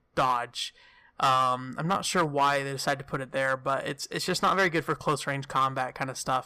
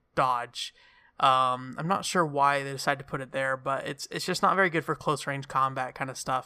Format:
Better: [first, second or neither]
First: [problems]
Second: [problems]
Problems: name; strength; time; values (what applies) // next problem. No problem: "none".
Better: second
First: distortion; slight; 4% of the sound clipped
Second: none